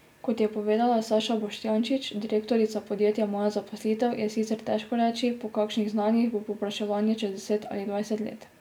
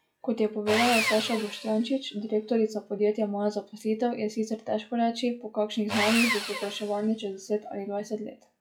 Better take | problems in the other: first | noise reduction (classical method log-MMSE)

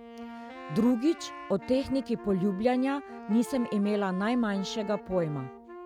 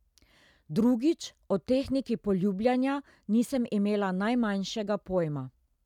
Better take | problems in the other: second | background sound (Wind instrument, woodwind instrument + Wind instrument, woodwind instrument); 14 dB below the speech

